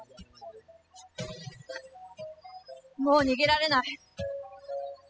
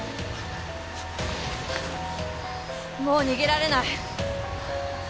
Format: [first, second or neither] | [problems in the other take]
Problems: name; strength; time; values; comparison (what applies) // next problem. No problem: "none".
second | noise reduction (classical method spectral subtraction)